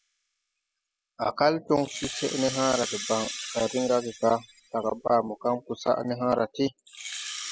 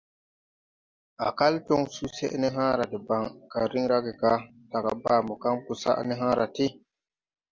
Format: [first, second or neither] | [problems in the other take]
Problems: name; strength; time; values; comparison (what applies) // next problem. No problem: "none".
second | noise reduction (classical method spectral subtraction)